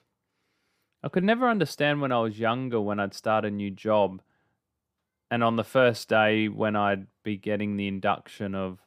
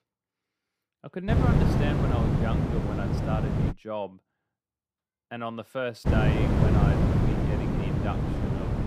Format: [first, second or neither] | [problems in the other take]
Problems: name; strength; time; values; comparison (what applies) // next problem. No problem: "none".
first | wind noise on the microphone; heavy; from 1.5 to 3.5 s and from 6 s on; 3 dB above the speech